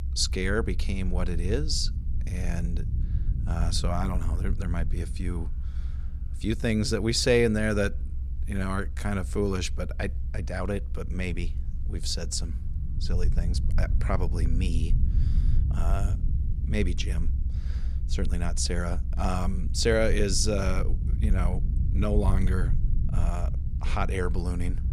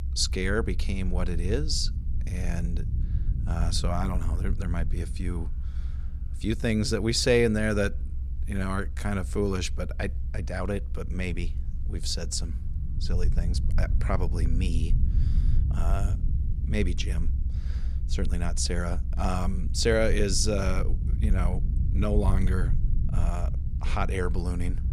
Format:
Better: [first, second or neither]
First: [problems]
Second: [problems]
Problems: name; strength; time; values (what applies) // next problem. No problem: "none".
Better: neither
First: low rumble; noticeable; throughout; 15 dB below the speech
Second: low rumble; noticeable; throughout; 15 dB below the speech